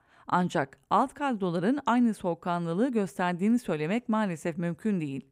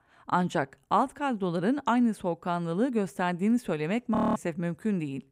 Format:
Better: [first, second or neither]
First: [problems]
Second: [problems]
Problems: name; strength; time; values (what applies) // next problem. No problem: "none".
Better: first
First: none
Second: audio freezing; at 4 s